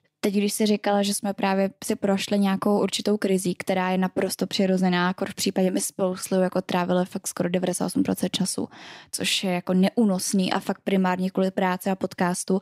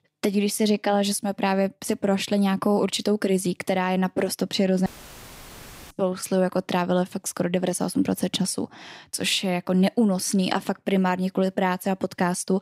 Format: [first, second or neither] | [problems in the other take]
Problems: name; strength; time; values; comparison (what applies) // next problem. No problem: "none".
first | audio cutting out; filled with static; at 5 s for 1 s